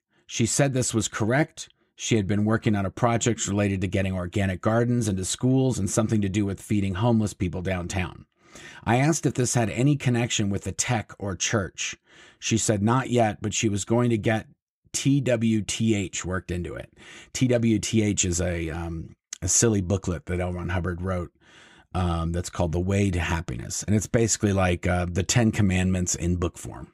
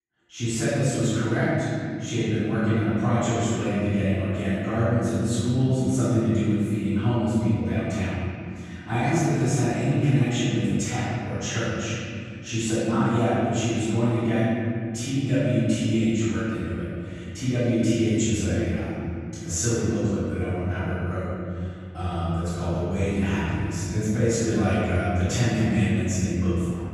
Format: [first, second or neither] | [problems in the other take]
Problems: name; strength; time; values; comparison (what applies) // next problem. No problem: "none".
first | off-mic speech; far // room echo; strong; dies away in 2.5 s